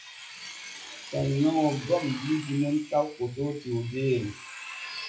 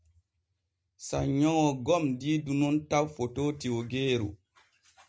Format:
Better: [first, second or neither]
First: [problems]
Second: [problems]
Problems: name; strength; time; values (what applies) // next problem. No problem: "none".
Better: second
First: noise reduction (classical method WPE with log-MMSE)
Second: none